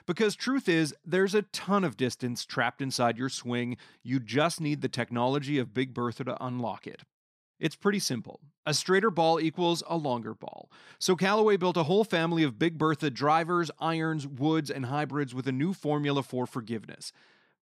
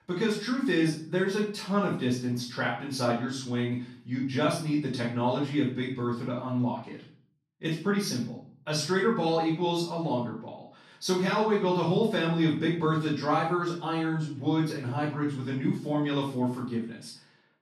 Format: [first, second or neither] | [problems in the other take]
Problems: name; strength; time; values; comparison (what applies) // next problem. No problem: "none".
first | off-mic speech; far // room echo; noticeable; dies away in 0.4 s